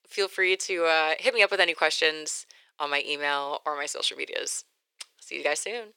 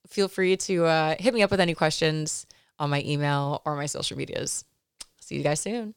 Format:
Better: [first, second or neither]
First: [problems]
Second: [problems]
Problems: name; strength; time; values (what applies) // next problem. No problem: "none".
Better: second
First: thin; very; fading below 400 Hz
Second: none